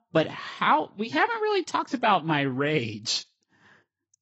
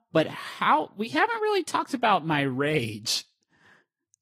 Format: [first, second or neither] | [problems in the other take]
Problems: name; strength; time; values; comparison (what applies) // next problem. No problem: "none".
second | garbled, watery; badly; nothing above 7.5 kHz; slightly in the second